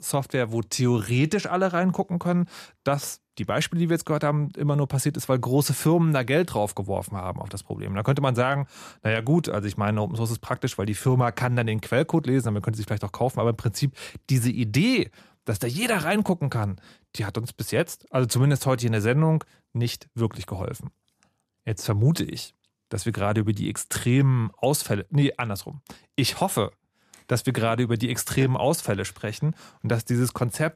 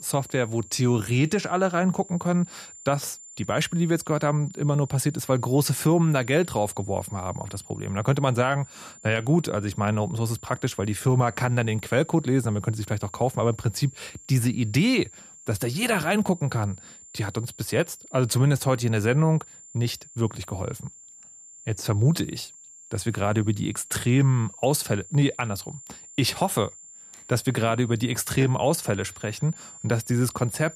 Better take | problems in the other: first | high-pitched whine; noticeable; throughout; 7 kHz, 20 dB below the speech

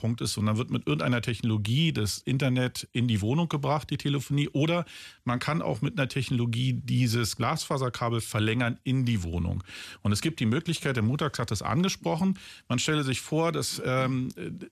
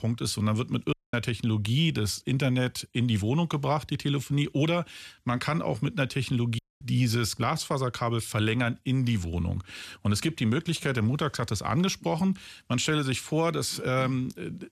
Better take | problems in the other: first | audio cutting out; at 1 s and at 6.5 s

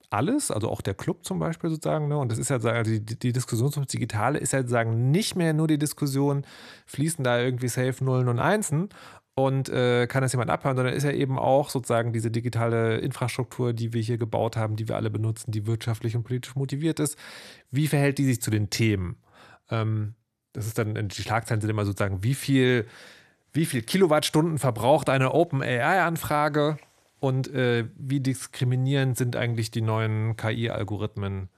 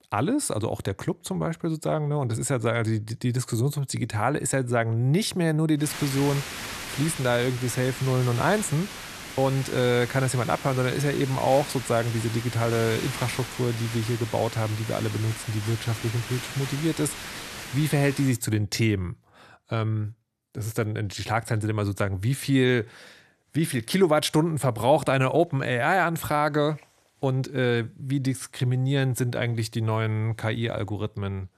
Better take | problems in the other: first | hiss; loud; from 6 to 18 s; 10 dB below the speech

